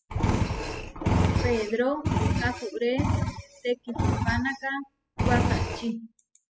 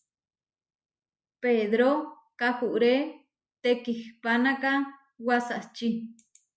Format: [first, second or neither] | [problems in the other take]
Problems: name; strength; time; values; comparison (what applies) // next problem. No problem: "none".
second | noise reduction (classical method spectral subtraction)